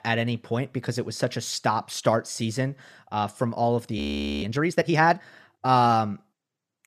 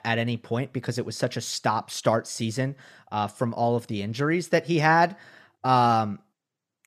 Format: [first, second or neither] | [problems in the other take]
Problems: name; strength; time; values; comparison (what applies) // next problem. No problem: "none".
second | audio freezing; at 4 s